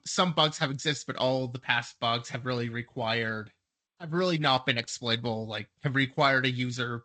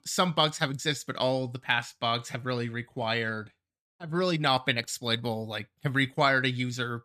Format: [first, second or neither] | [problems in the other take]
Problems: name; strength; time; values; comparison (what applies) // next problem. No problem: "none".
second | garbled, watery; slightly; nothing above 7.5 kHz